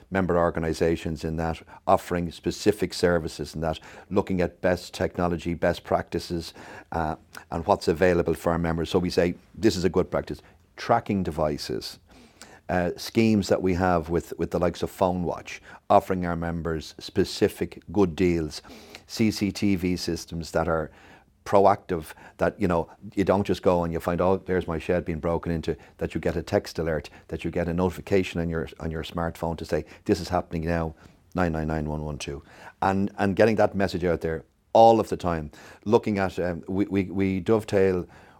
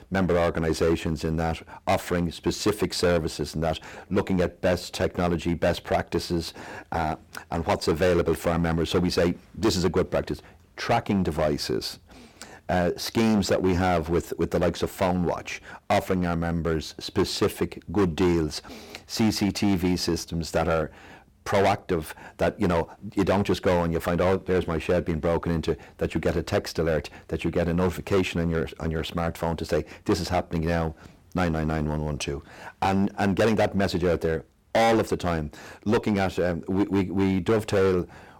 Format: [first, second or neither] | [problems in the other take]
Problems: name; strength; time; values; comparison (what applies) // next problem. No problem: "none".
first | distortion; heavy; 8% of the sound clipped